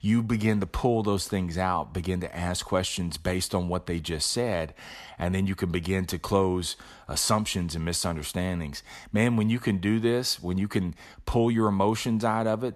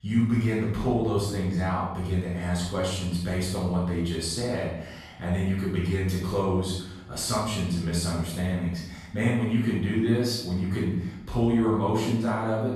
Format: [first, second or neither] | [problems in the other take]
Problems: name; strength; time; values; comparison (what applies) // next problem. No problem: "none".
first | off-mic speech; far // room echo; noticeable; dies away in 0.8 s